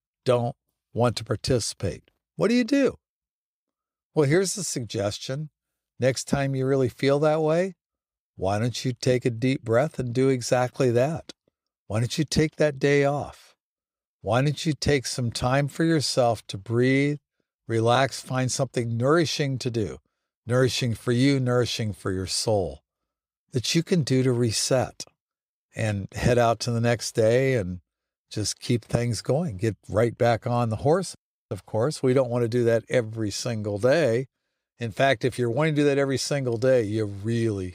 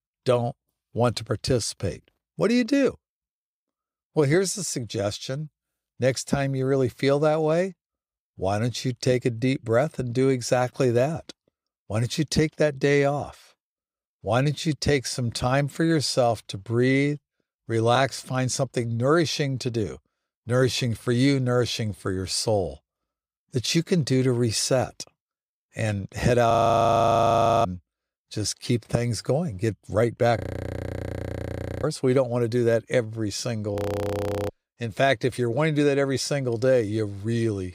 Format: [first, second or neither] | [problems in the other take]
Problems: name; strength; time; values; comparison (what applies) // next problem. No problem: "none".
first | audio freezing; at 27 s for 1 s, at 30 s for 1.5 s and at 34 s for 0.5 s